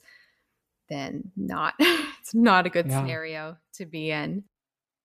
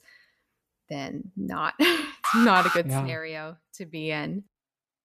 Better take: first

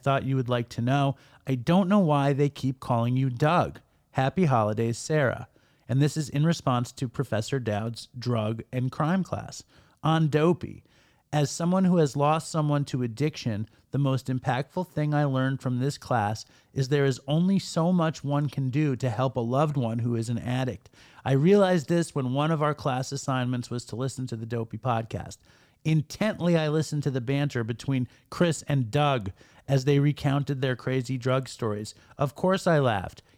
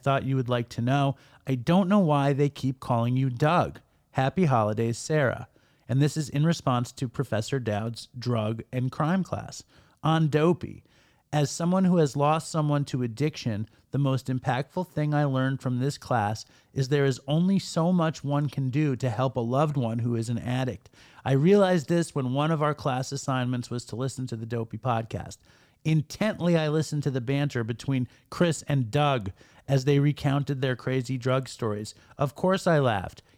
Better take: neither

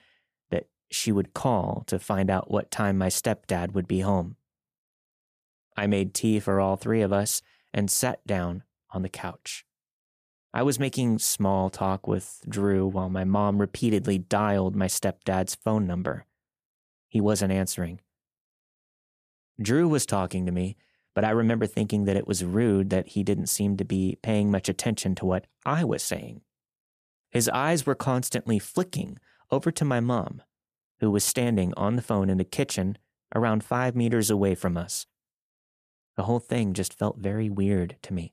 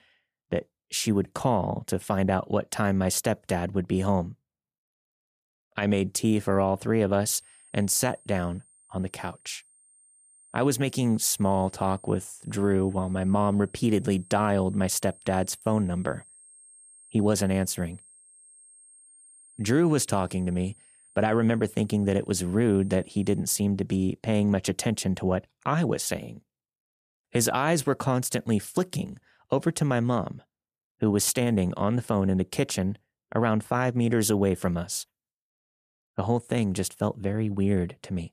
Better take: first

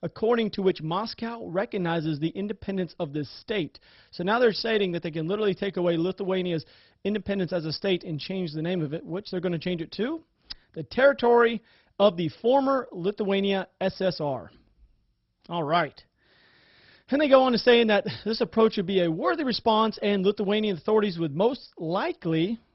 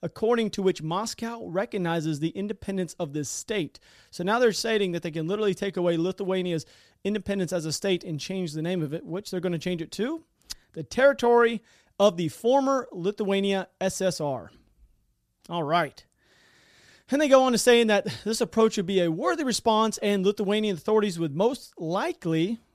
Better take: second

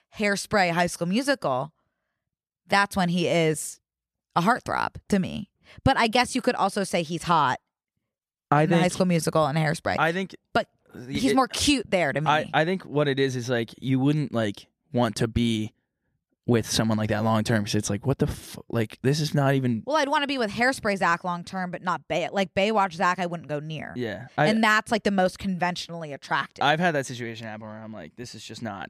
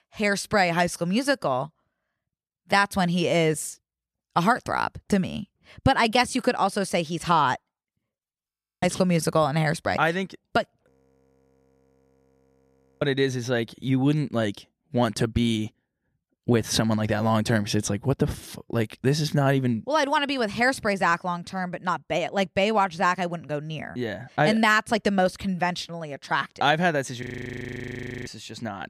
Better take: first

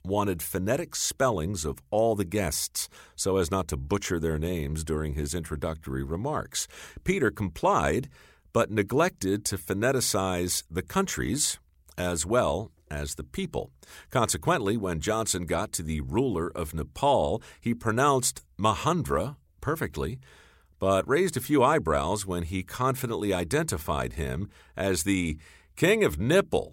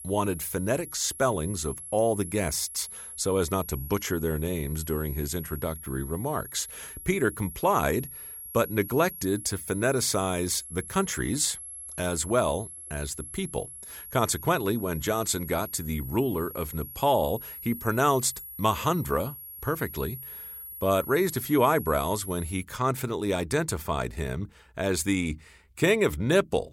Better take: first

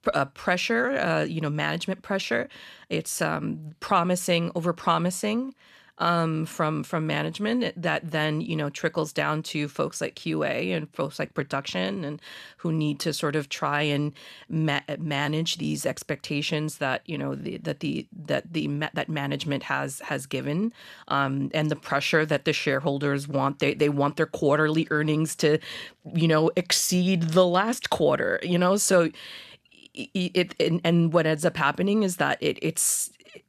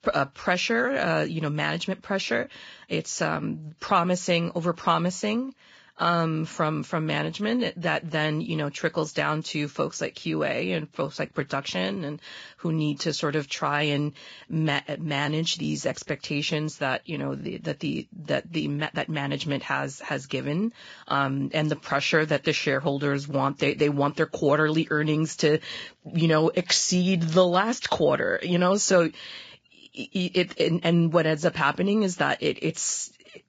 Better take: first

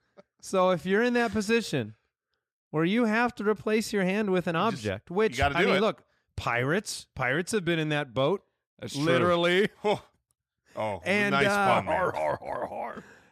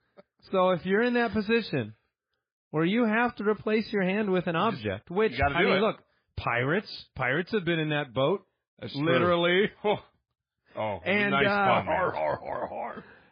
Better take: first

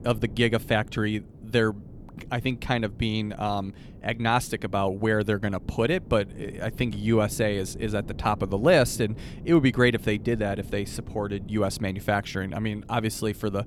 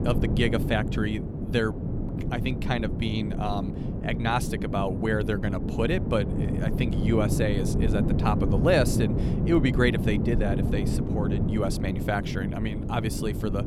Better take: first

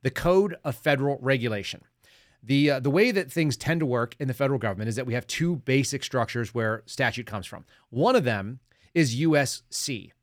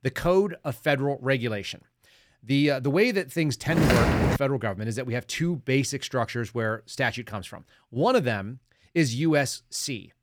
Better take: first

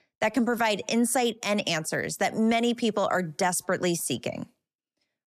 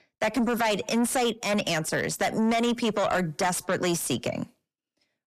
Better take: first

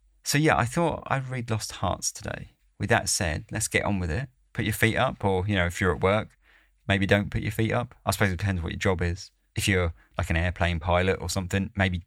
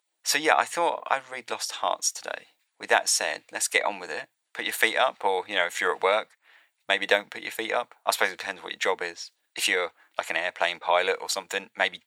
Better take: first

